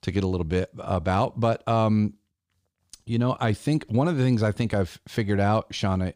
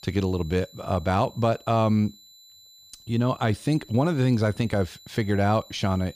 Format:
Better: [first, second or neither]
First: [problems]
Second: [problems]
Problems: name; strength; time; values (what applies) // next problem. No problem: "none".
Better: first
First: none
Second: high-pitched whine; faint; throughout; 4 kHz, 25 dB below the speech